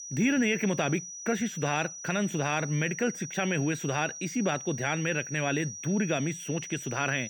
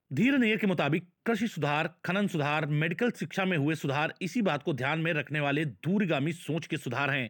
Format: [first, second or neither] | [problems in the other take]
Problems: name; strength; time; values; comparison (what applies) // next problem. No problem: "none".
second | high-pitched whine; loud; throughout; 6 kHz, 9 dB below the speech